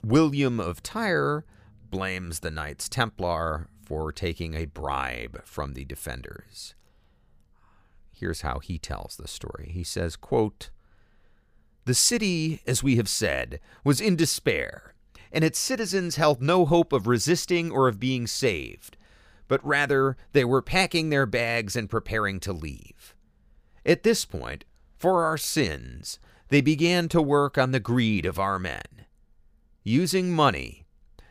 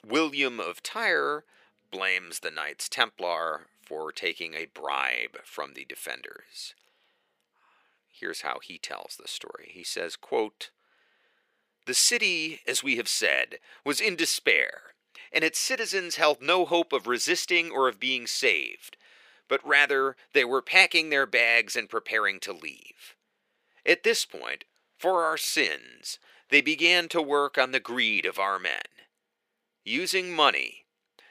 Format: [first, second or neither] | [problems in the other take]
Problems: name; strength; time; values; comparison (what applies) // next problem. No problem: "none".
first | thin; somewhat; fading below 350 Hz